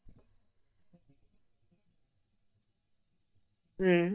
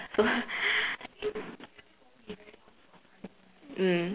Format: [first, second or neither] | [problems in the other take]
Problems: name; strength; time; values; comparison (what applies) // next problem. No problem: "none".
second | noise reduction (neural mask model DeepFilterNet 3)